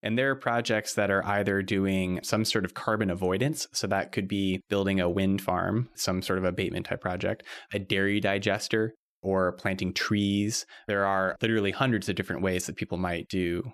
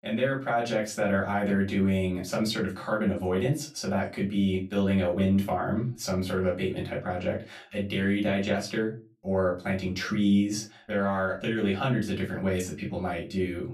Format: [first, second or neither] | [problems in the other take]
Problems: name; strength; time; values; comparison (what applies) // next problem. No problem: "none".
first | off-mic speech; far // room echo; very slight; dies away in 0.3 s